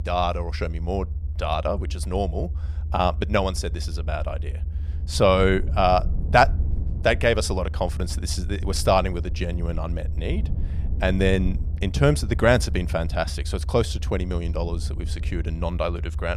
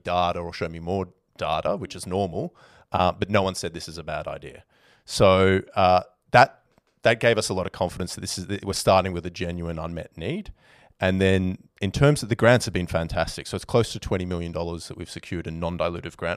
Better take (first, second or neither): second